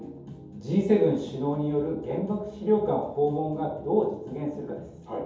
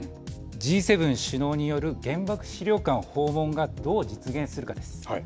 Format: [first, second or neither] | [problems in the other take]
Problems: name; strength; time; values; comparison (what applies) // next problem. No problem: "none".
second | room echo; dies away in 0.7 s